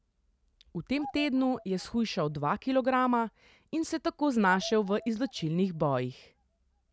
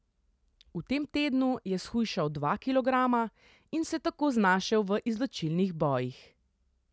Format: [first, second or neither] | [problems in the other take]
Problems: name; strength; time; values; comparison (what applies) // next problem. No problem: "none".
second | background sound (Bird vocalization, bird call, bird song); 20 dB below the speech